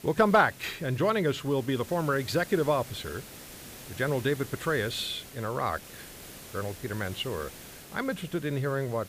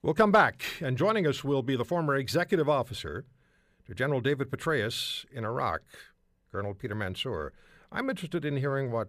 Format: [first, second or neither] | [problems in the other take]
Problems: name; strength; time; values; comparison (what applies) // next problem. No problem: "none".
second | hiss; noticeable; throughout; 15 dB below the speech